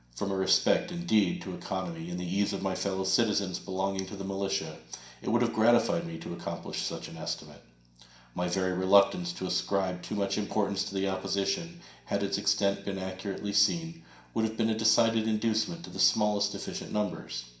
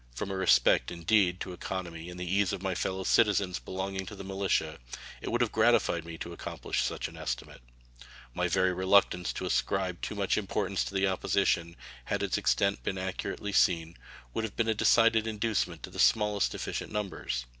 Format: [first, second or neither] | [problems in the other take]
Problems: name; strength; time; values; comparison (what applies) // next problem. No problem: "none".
second | room echo; dies away in 0.5 s